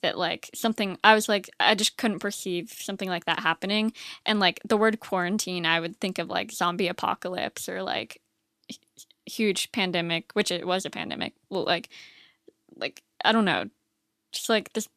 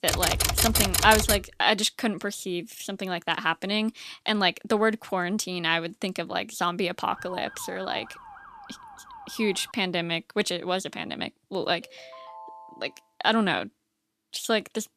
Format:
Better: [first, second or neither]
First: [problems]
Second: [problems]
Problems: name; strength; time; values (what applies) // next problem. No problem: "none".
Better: first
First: none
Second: keyboard typing; loud; until 1.5 s; peak 6 dB above the speech // siren; faint; from 7 to 9.5 s; peak 15 dB below the speech // phone ringing; faint; from 12 to 13 s; peak 15 dB below the speech